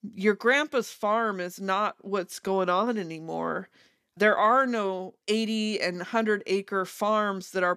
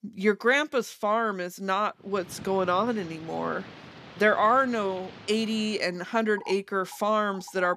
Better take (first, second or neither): first